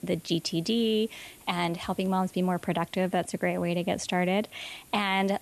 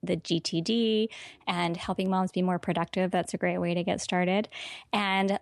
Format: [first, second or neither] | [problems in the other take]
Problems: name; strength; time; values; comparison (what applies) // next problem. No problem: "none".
second | hiss; faint; throughout; 25 dB below the speech